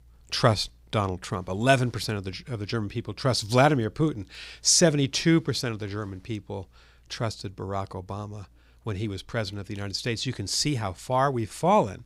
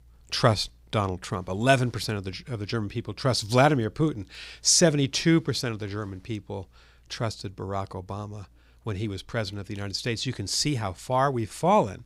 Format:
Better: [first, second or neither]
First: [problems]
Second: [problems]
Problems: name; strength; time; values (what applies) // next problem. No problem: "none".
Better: neither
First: none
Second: none